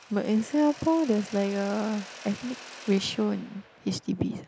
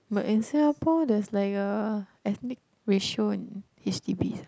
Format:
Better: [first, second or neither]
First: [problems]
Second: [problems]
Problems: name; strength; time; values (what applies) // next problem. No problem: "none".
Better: second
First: background sound (Mechanisms); 18 dB below the speech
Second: none